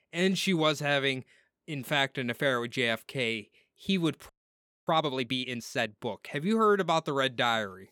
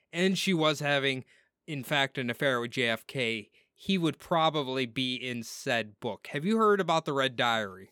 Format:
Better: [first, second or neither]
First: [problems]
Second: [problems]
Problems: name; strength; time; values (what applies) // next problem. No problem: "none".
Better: second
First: audio freezing; at 4.5 s for 0.5 s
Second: none